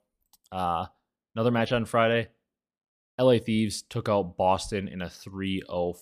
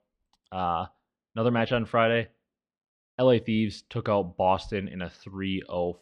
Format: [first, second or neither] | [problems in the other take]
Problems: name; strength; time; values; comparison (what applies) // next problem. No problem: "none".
first | muffled; very slightly; fading above 3 kHz